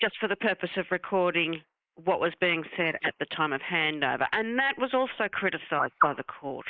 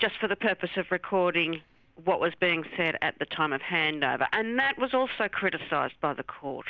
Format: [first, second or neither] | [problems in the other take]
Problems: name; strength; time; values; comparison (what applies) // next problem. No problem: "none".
second | noise reduction (neural mask model Resemble Enhance denoiser)